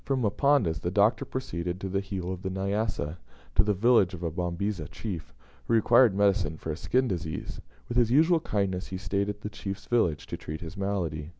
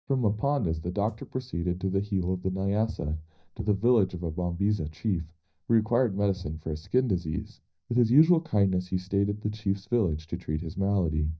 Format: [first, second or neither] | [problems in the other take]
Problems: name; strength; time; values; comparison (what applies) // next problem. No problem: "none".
first | noise reduction (neural mask model DeepFilterNet 3)